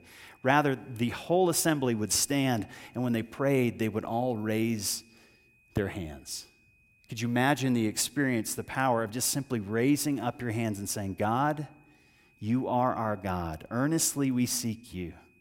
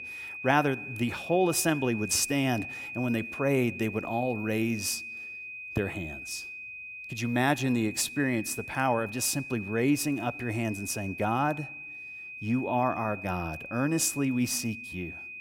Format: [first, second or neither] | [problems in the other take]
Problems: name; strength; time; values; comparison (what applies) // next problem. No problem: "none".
first | high-pitched whine; loud; throughout; 2.5 kHz, 9 dB below the speech; faint in the first